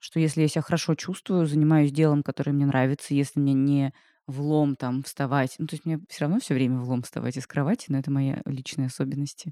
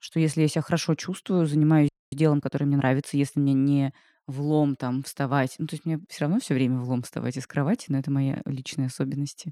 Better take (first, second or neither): first